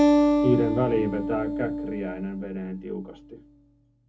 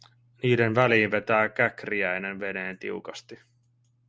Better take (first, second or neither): second